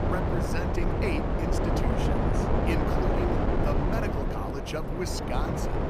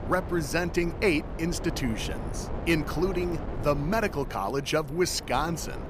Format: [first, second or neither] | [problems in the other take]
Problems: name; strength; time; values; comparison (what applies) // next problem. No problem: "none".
second | wind noise on the microphone; heavy; 5 dB above the speech; occasional gusts in the second